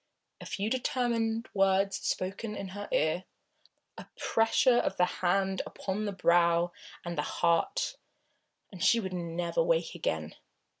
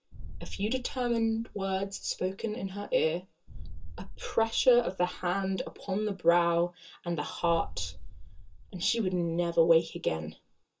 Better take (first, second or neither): first